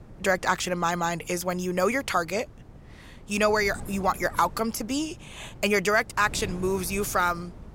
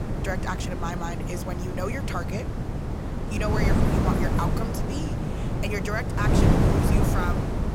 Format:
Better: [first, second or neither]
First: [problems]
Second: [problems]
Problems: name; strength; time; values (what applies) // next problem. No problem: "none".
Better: first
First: wind noise on the microphone; occasional gusts; 25 dB below the speech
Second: wind noise on the microphone; heavy; 1 dB above the speech